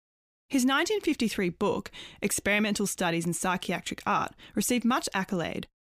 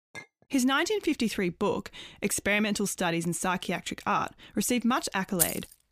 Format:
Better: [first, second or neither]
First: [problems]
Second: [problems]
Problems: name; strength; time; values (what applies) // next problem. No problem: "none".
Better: first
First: none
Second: clattering dishes; faint; at the start; peak 15 dB below the speech // jangling keys; loud; at 5.5 s; peak 1 dB above the speech